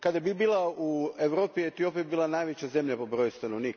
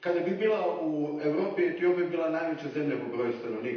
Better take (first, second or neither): first